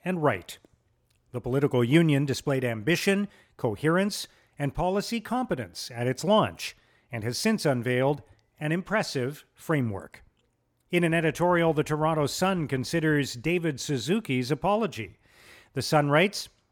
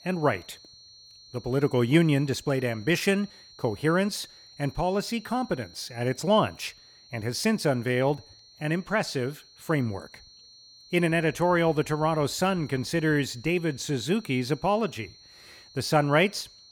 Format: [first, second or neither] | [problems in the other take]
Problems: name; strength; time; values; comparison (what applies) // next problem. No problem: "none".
first | high-pitched whine; faint; throughout; 4.5 kHz, 25 dB below the speech